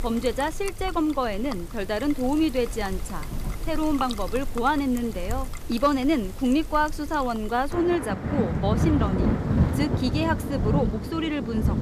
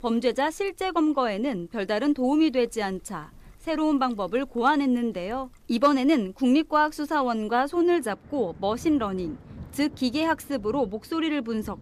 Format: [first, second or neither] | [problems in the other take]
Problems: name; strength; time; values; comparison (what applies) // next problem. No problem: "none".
second | rain or running water; loud; throughout; 4 dB below the speech; faint in the second